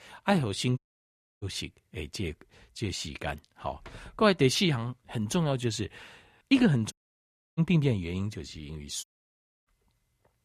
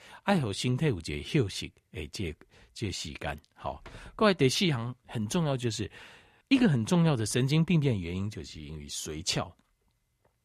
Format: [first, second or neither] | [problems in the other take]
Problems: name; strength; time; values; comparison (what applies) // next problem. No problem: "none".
second | audio cutting out; at 1 s for 0.5 s, at 7 s for 0.5 s and at 9 s for 0.5 s